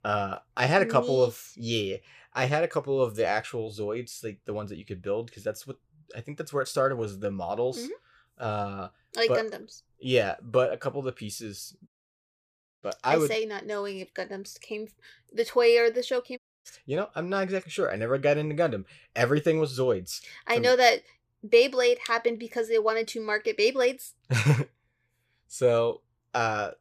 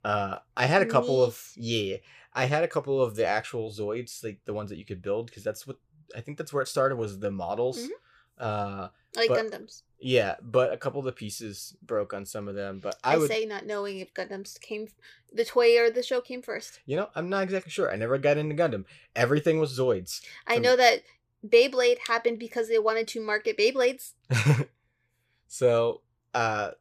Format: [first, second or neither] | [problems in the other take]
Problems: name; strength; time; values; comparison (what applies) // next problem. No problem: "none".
second | audio cutting out; at 12 s for 1 s and at 16 s